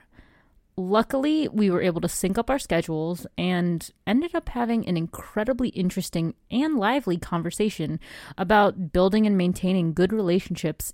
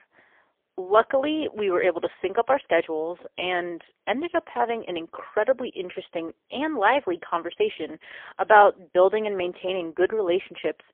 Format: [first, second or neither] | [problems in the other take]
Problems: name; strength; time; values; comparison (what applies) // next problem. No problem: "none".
first | phone-call audio; poor line; nothing above 3.5 kHz